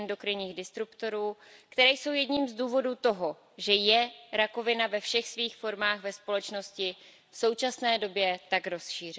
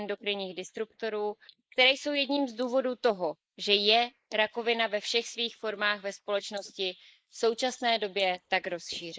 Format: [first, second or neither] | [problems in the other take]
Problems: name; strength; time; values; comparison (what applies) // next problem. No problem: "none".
first | noise reduction (neural mask model Resemble Enhance denoiser)